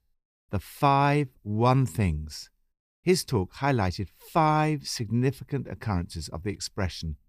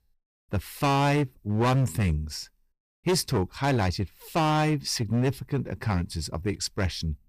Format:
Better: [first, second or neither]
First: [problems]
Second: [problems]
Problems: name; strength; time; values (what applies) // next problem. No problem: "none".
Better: first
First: none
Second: distortion; heavy; 10% of the sound clipped